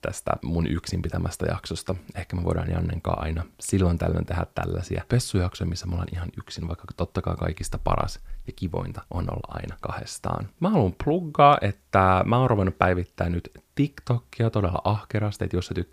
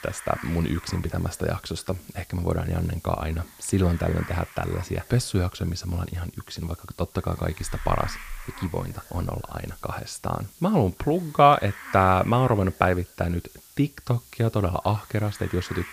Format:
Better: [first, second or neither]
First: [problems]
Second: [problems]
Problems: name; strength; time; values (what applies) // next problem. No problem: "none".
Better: first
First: none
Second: hiss; noticeable; throughout; 20 dB below the speech